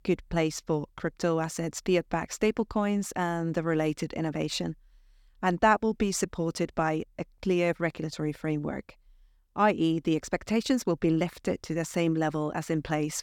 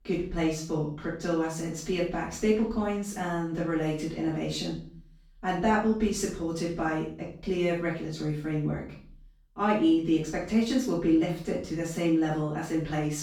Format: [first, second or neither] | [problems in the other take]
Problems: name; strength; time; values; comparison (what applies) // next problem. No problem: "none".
first | off-mic speech; far // room echo; noticeable; dies away in 0.5 s